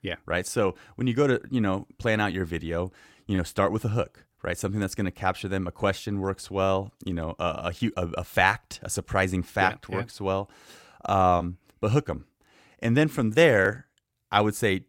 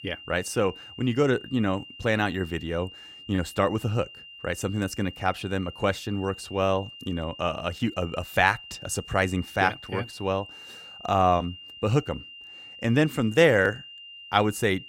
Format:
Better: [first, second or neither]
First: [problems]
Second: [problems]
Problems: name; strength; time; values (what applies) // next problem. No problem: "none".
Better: first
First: none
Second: high-pitched whine; noticeable; throughout; 3 kHz, 15 dB below the speech